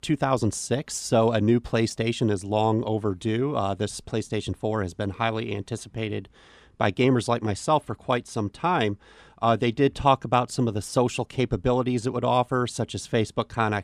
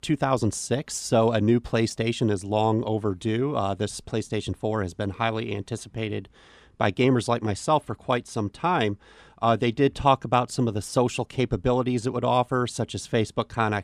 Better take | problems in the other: neither | none

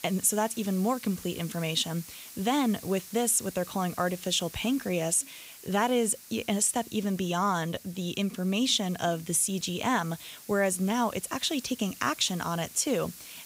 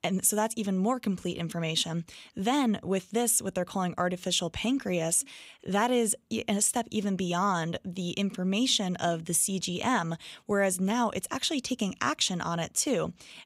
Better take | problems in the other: second | hiss; noticeable; throughout; 15 dB below the speech

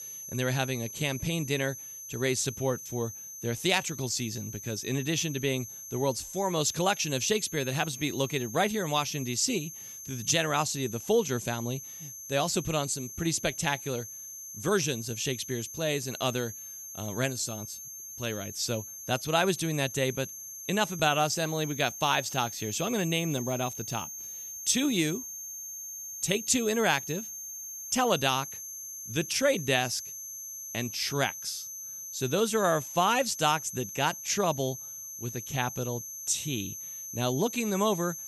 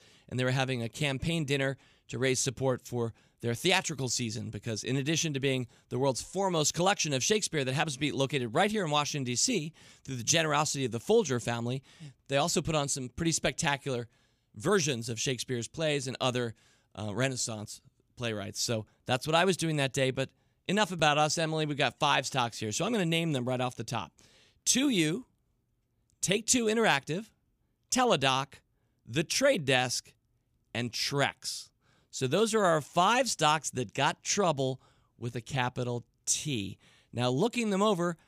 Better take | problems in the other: second | high-pitched whine; loud; throughout; 6.5 kHz, 9 dB below the speech

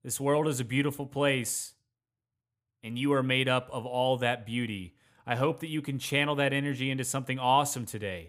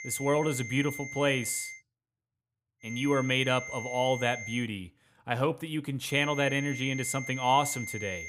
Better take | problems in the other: first | high-pitched whine; loud; until 2 s, from 3 to 4.5 s and from 6 s on; 2 kHz, 9 dB below the speech

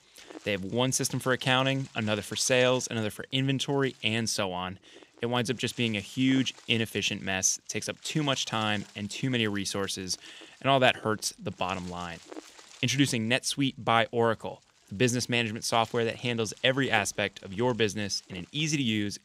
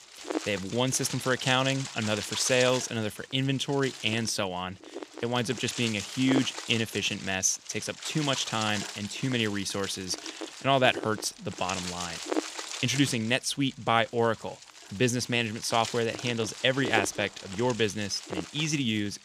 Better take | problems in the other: first | wind noise on the microphone; heavy; 9 dB below the speech; occasional gusts in the first

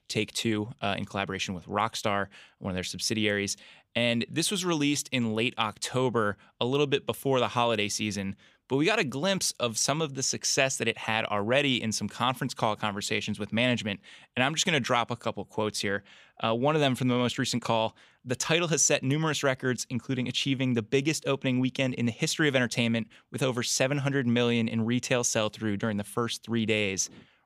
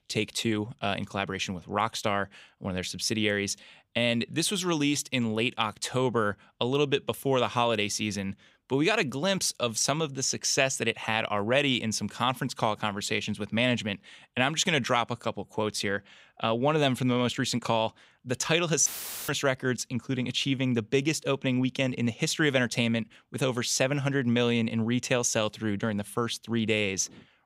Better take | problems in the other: first | audio cutting out; filled with static; at 19 s

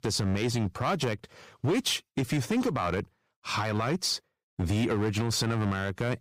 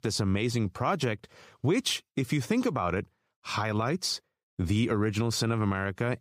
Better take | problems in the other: second | distortion; slight; 9% of the sound clipped

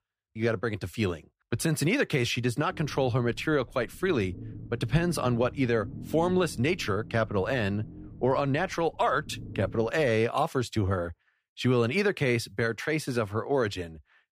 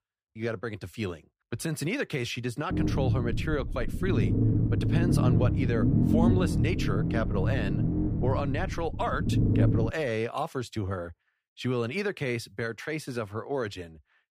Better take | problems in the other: first | low rumble; loud; from 2.5 to 10 s; 2 dB below the speech; faint in the first

